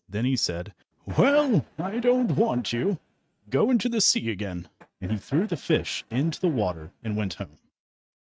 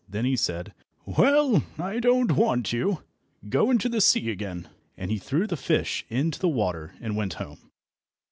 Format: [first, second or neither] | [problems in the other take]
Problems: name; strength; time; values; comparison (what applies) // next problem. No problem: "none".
second | noise reduction (neural mask model RNNoise)